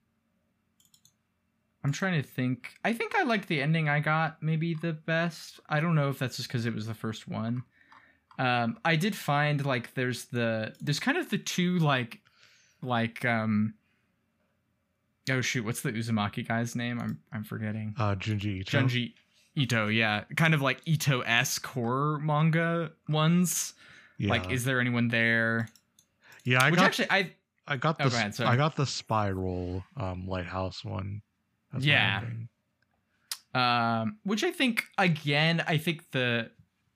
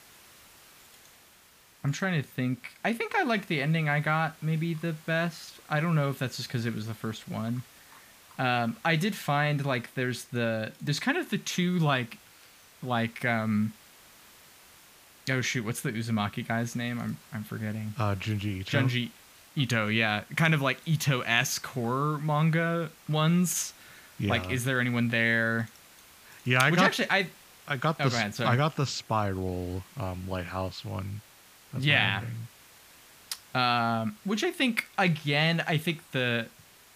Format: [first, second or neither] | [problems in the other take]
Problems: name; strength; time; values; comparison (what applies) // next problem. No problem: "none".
first | hiss; faint; throughout; 25 dB below the speech